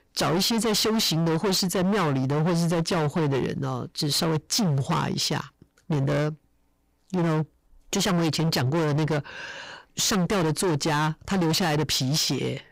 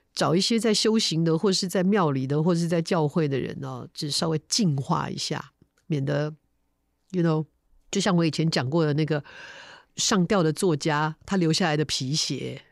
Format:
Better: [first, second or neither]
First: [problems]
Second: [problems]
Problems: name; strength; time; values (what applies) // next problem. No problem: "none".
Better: second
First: distortion; heavy; 30% of the sound clipped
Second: none